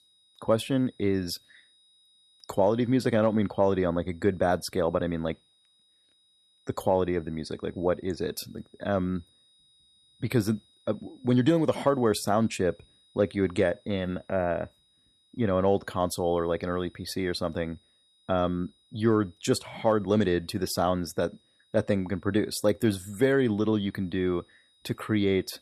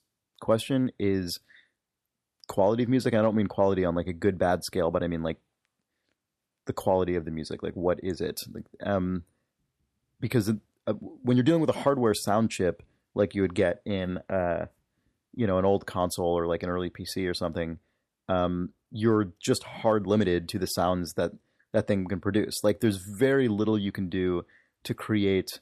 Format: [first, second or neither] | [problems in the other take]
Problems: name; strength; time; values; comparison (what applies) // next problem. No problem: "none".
second | high-pitched whine; faint; throughout; 4 kHz, 35 dB below the speech